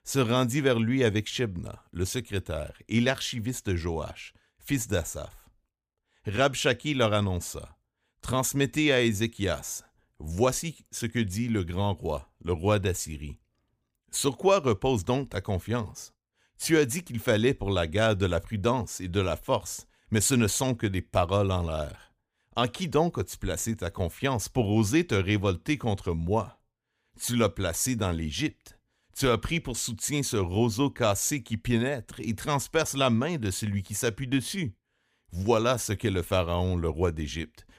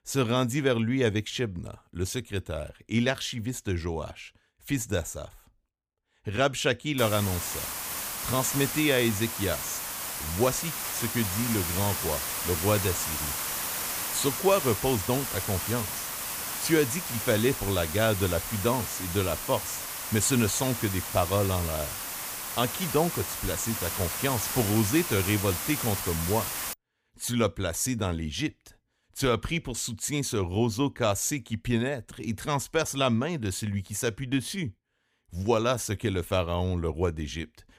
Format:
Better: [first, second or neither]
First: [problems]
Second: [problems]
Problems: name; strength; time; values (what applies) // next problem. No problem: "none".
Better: first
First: none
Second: hiss; loud; from 7 to 27 s; 3 dB below the speech